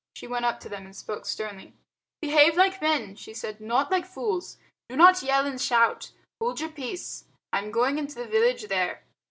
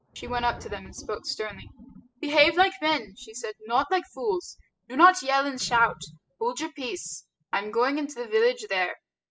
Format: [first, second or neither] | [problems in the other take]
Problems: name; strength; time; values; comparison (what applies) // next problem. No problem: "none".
first | noise reduction (classical method spectral subtraction)